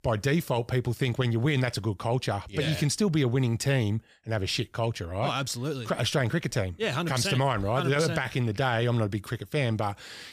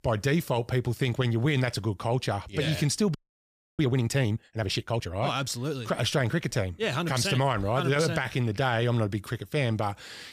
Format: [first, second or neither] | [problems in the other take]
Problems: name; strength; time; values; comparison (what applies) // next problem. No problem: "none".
first | audio freezing; at 3 s for 0.5 s